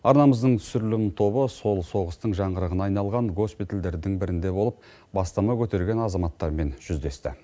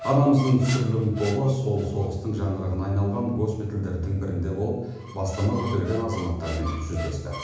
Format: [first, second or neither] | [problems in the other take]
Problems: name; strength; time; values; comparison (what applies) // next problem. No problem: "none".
first | background sound (Squeak); 16 dB below the speech // room echo; dies away in 1 s